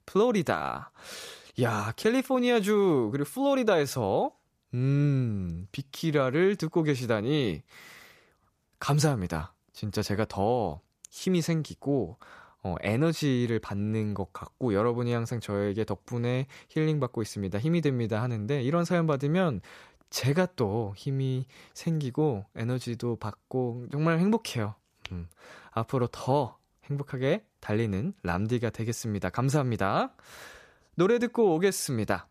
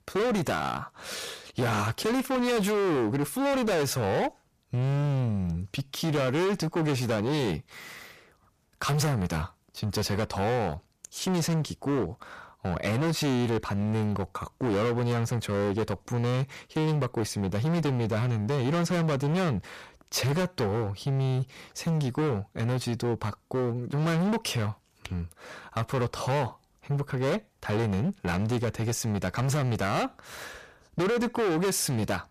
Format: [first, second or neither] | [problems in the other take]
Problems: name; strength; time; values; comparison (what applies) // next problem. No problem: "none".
first | distortion; heavy; 25% of the sound clipped